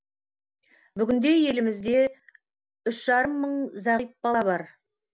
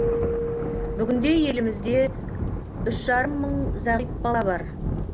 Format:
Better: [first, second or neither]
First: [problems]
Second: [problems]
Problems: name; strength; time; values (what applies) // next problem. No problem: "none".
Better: first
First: none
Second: background sound (Keyboard (musical) + Thunder); 2 dB below the speech